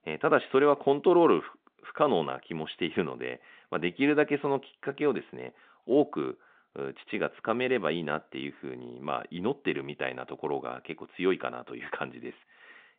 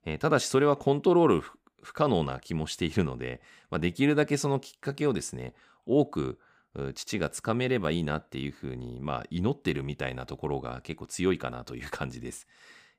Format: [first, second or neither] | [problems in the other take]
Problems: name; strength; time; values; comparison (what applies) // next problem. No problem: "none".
second | phone-call audio; nothing above 3.5 kHz